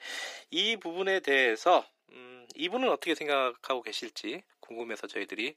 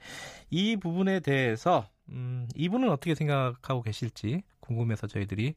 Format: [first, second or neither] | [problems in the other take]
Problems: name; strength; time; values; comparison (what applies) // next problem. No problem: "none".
second | thin; very; fading below 300 Hz